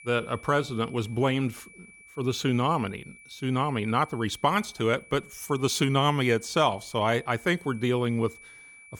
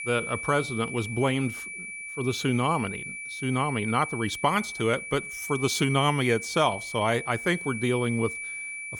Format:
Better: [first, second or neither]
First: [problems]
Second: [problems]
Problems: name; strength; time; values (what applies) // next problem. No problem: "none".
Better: first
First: high-pitched whine; faint; throughout; 2.5 kHz, 20 dB below the speech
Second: high-pitched whine; loud; throughout; 2.5 kHz, 7 dB below the speech